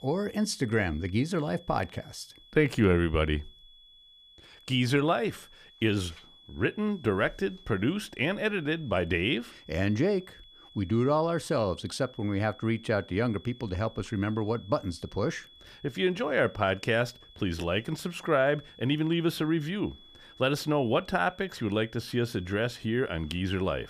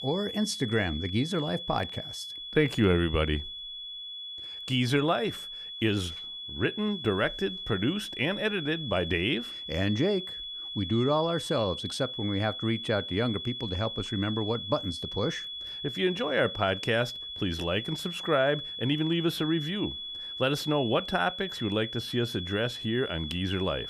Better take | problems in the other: first | high-pitched whine; loud; throughout; 3.5 kHz, 7 dB below the speech; faint in the first

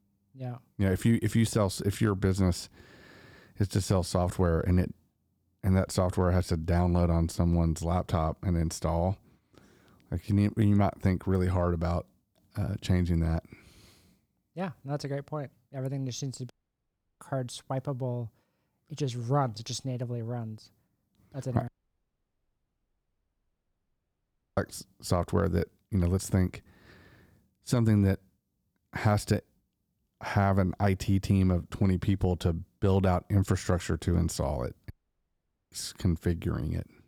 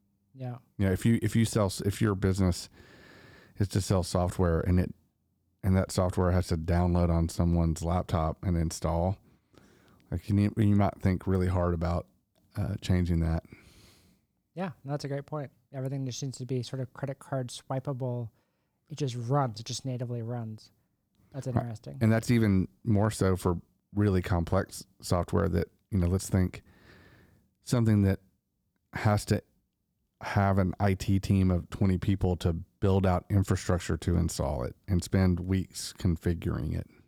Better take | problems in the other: second | audio cutting out; at 17 s for 0.5 s, at 22 s for 3 s and at 35 s for 1 s

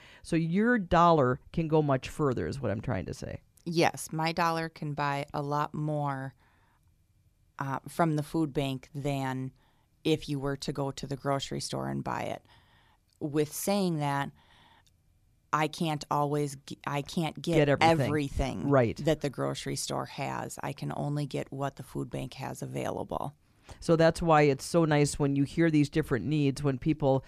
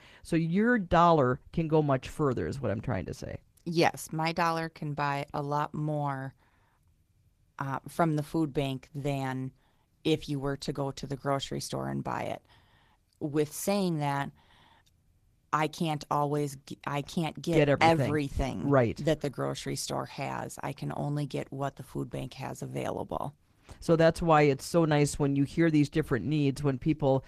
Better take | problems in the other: first | garbled, watery; slightly; nothing above 14.5 kHz

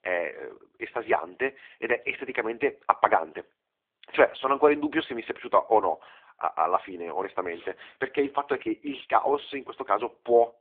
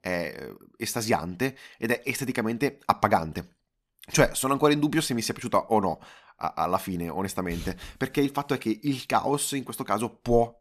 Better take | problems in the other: second | phone-call audio; poor line

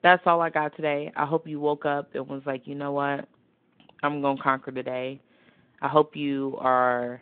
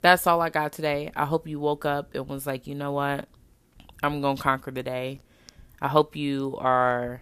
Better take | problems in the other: second | phone-call audio

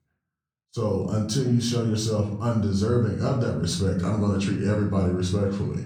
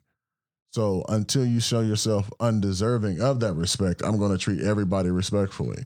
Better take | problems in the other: second | off-mic speech; far // room echo; slight; dies away in 0.7 s

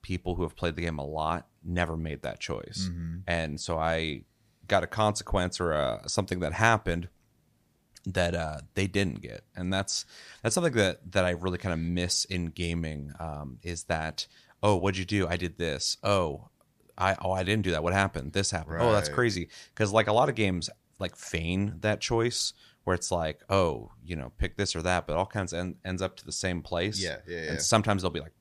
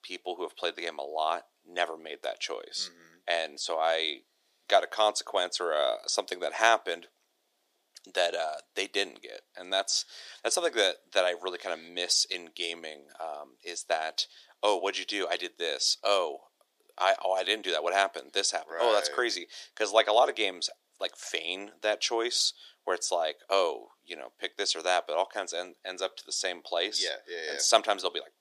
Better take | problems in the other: first | thin; very; fading below 350 Hz

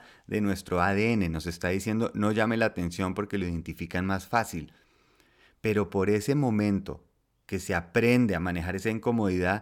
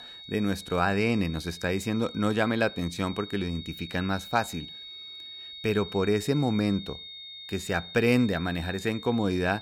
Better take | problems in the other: first | high-pitched whine; noticeable; throughout; 3.5 kHz, 15 dB below the speech

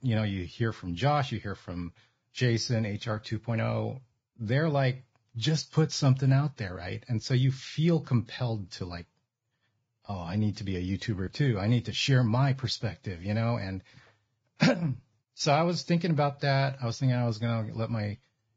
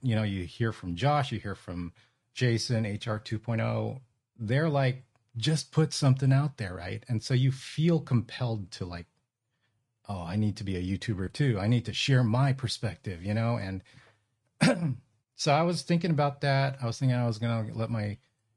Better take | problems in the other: second | garbled, watery; badly; slightly in the second

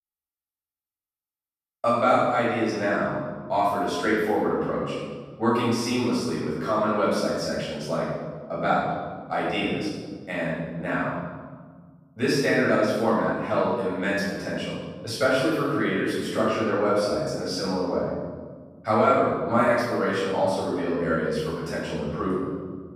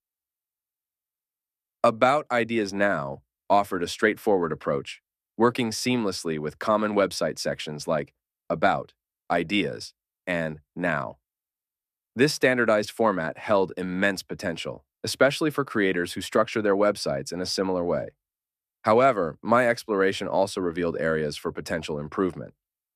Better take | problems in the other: second | room echo; strong; dies away in 1.5 s // off-mic speech; far

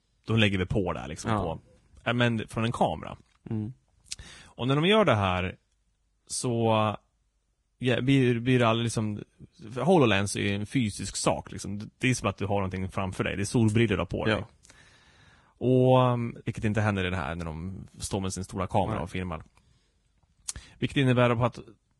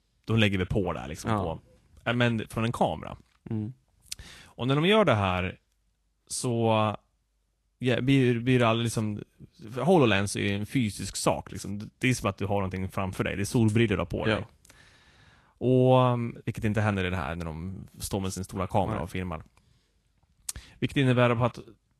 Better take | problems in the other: second | garbled, watery; badly; nothing above 10.5 kHz; slightly in the second

